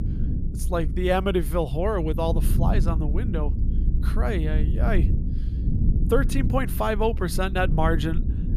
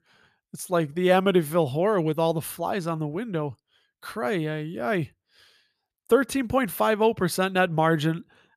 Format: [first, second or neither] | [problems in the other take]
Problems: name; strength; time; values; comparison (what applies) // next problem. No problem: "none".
second | low rumble; noticeable; throughout; 10 dB below the speech